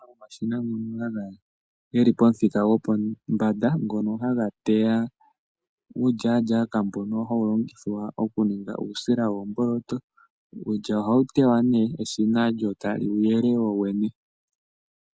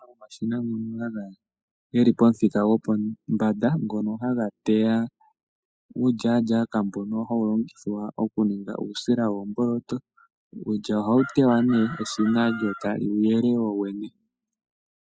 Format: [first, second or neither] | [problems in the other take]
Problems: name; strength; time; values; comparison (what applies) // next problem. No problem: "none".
first | noise reduction (classical method spectral subtraction)